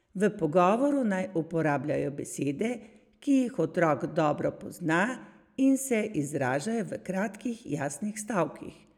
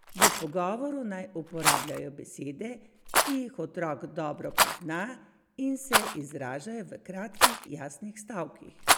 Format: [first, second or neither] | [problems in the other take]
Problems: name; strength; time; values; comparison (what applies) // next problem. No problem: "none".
first | background sound (Rattle); 4 dB above the speech